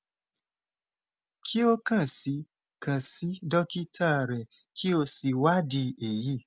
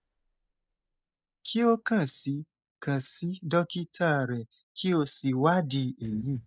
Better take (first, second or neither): first